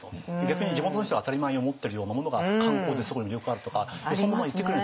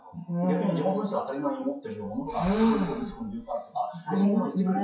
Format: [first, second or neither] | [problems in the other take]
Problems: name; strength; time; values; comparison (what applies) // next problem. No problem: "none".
first | noise reduction (classical method WPE with log-MMSE)